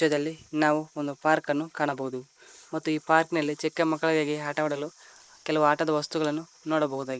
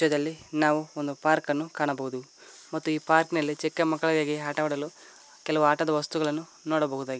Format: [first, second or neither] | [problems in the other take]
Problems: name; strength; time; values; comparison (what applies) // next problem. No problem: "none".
second | noise reduction (neural mask model Resemble Enhance denoiser)